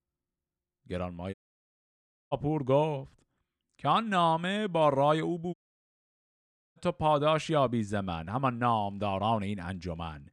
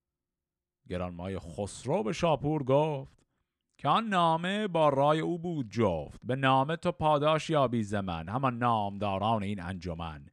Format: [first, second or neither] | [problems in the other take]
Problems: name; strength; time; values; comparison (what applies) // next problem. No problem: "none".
second | audio cutting out; at 1.5 s for 1 s and at 5.5 s for 1 s